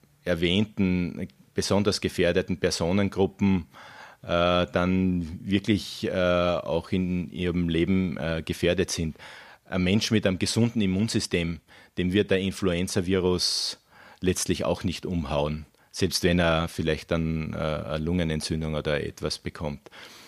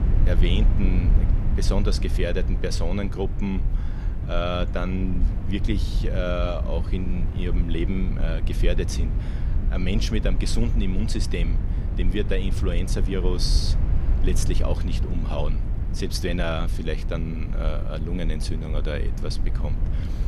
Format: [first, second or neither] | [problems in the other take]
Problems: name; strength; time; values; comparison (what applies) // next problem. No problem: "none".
first | low rumble; loud; throughout; 9 dB below the speech